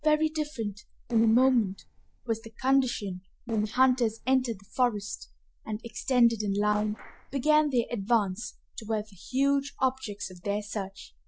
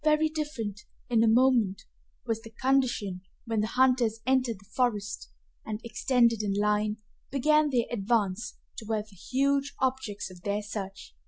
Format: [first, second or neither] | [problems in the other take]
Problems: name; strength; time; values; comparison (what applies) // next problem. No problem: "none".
second | noise reduction (neural separator model SepFormer DNS4)